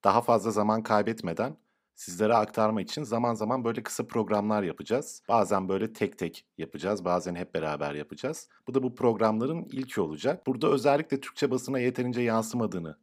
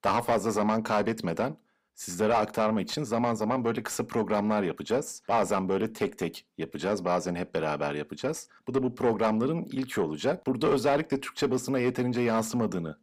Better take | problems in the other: first | distortion; slight; 10 dB below the speech

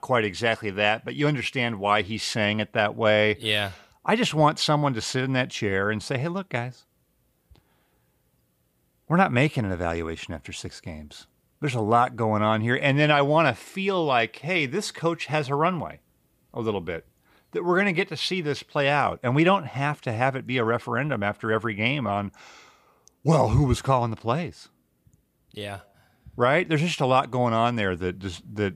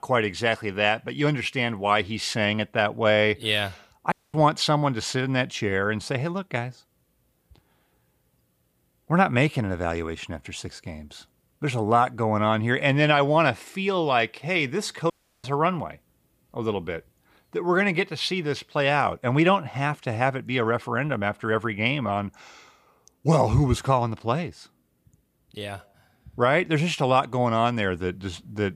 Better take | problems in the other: first | audio cutting out; at 4 s and at 15 s

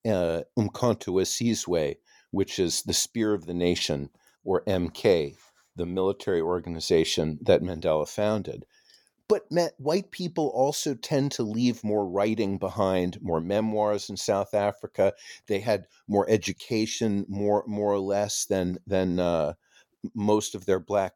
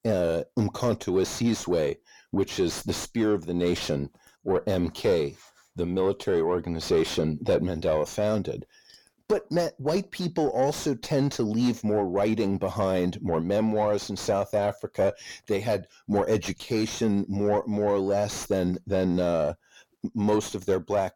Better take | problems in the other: first | distortion; slight; 9 dB below the speech

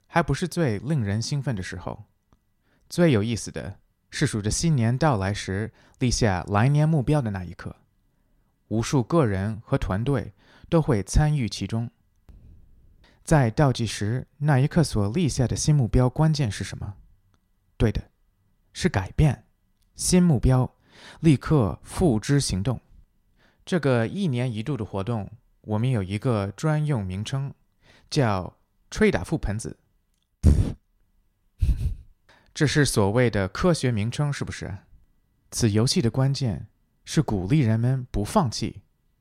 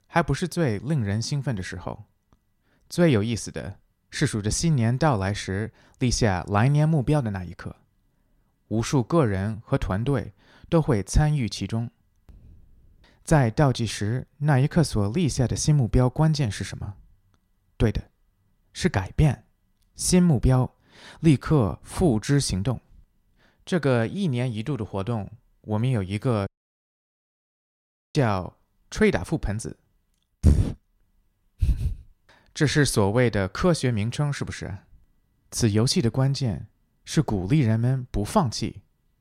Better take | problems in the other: first | audio cutting out; at 26 s for 1.5 s

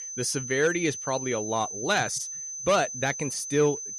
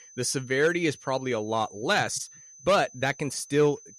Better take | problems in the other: second | high-pitched whine; loud; throughout; 6 kHz, 6 dB below the speech; faint in the second

